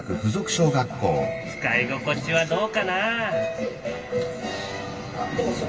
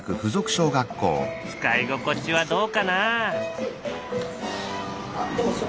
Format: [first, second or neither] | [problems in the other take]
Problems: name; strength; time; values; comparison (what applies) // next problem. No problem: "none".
second | room echo; dies away in 2.4 s